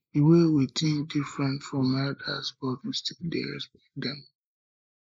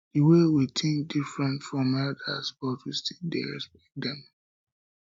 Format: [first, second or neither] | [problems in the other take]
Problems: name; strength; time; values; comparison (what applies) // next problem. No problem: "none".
second | noise reduction (neural mask model Resemble Enhance denoiser)